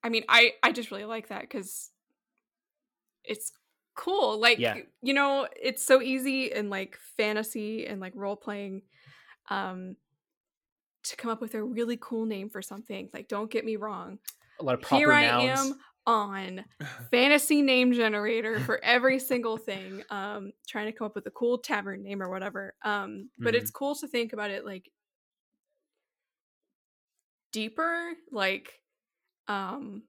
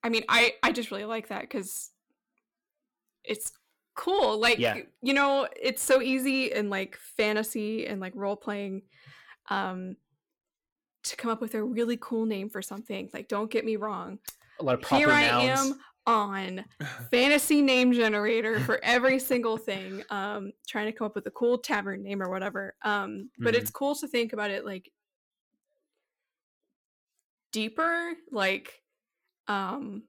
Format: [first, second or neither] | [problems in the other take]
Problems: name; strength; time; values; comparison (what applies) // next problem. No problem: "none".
first | distortion; slight; 10 dB below the speech